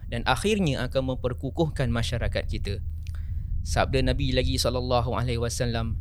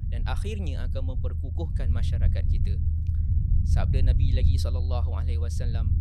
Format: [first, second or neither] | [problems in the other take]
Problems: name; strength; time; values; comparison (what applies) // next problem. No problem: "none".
first | low rumble; loud; throughout; 3 dB below the speech; faint in the first